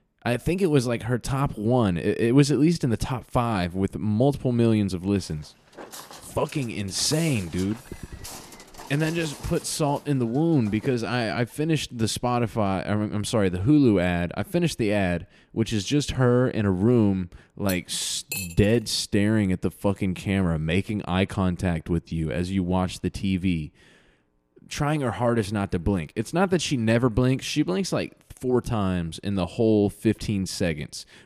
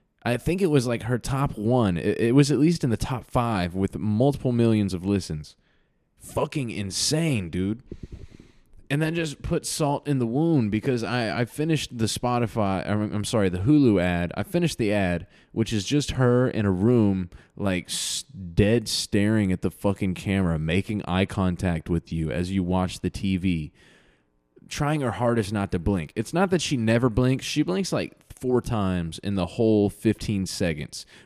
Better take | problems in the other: second | footsteps; faint; from 5 to 11 s; peak 10 dB below the speech // clattering dishes; noticeable; at 18 s; peak 7 dB below the speech

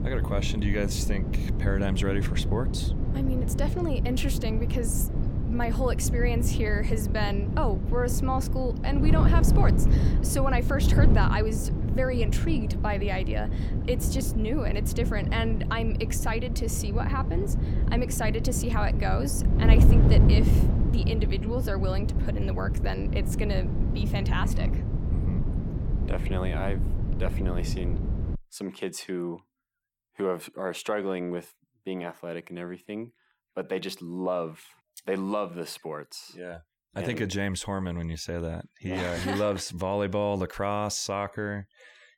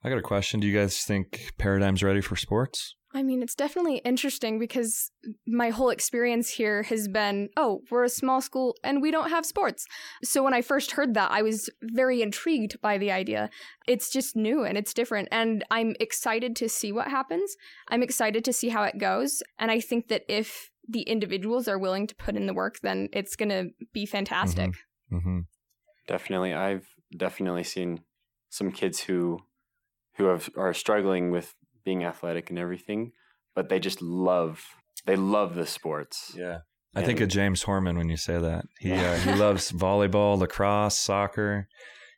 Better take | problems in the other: second | wind noise on the microphone; heavy; until 28 s; 6 dB below the speech

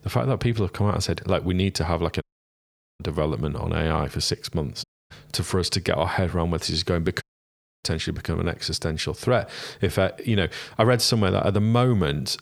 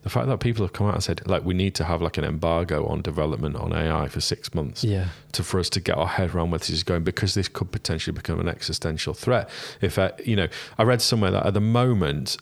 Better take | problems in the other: second | audio cutting out; at 2 s for 1 s, at 5 s and at 7 s for 0.5 s

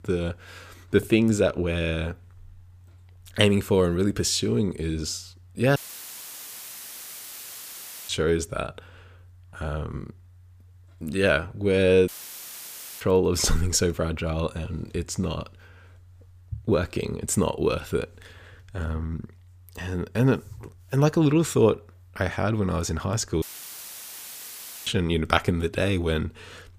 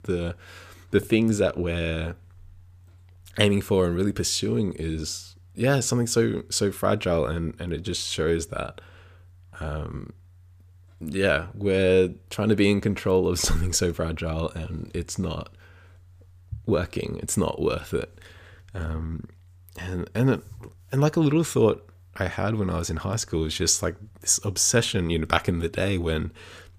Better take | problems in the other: second | audio cutting out; filled with static; at 6 s for 2.5 s, at 12 s for 1 s and at 23 s for 1.5 s

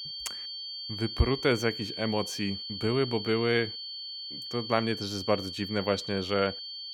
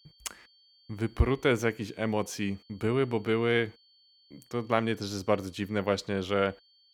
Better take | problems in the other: second | high-pitched whine; loud; throughout; 4.5 kHz, 7 dB below the speech; faint in the second

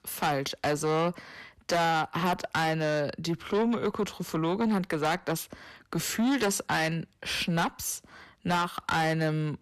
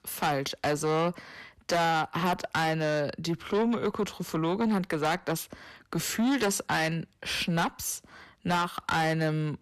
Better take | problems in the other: neither | distortion; heavy; 6 dB below the speech; the same in both

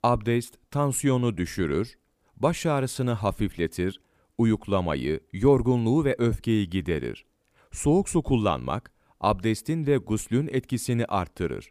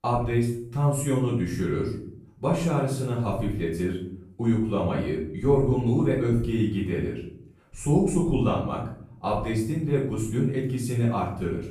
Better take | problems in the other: first | off-mic speech; far // room echo; noticeable; dies away in 0.6 s

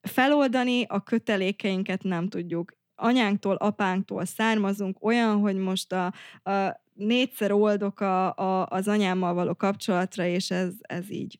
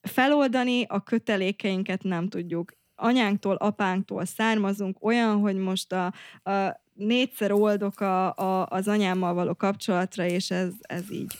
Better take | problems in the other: first | household noises; faint; throughout; 30 dB below the speech

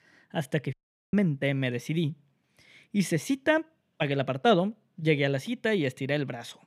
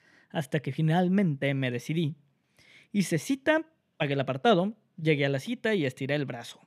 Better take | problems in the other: second | audio cutting out; at 0.5 s

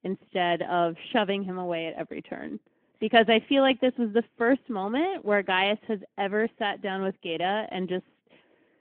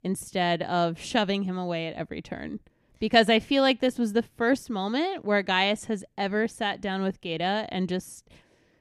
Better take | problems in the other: second | phone-call audio; nothing above 3 kHz

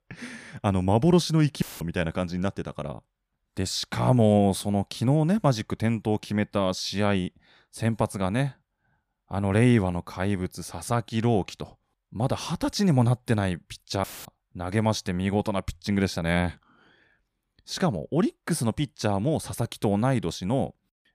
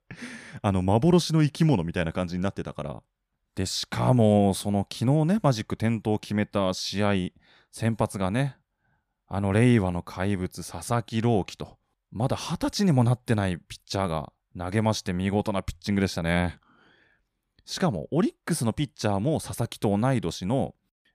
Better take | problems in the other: second | audio cutting out; filled with static; at 1.5 s and at 14 s

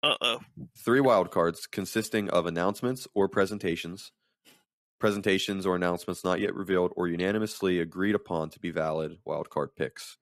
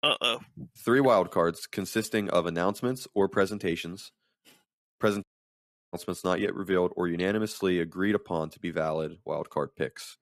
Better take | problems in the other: first | audio cutting out; at 5 s for 0.5 s

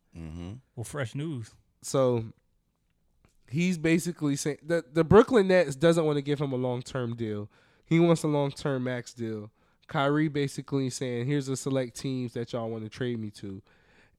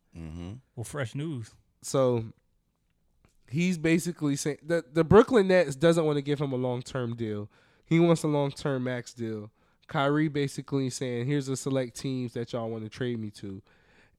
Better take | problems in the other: neither | none

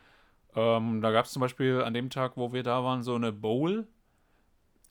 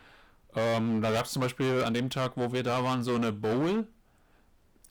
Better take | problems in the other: first | distortion; heavy; 22% of the sound clipped

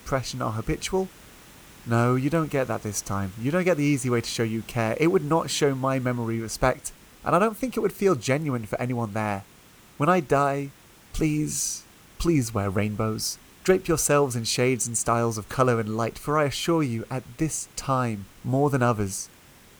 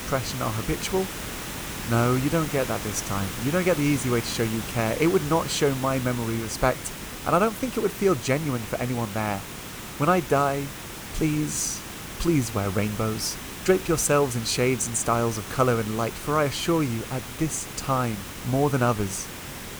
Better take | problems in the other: first | hiss; loud; throughout; 9 dB below the speech; faint in the first

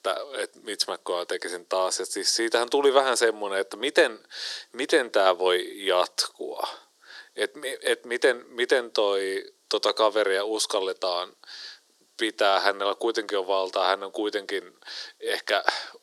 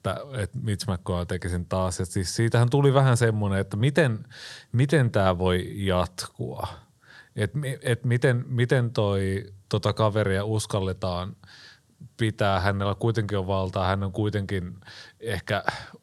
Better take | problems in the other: second | thin; very; fading below 350 Hz

